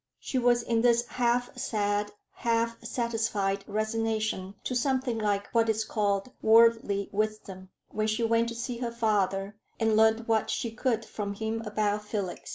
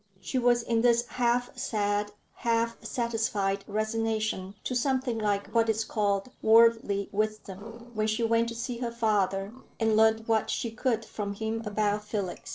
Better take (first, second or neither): first